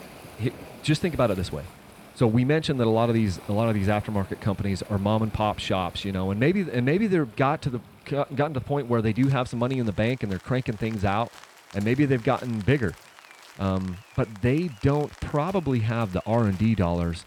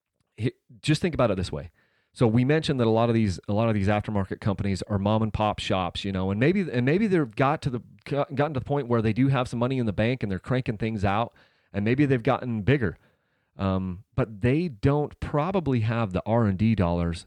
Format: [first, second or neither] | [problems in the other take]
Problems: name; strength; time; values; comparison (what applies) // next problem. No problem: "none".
second | rain or running water; faint; throughout; 20 dB below the speech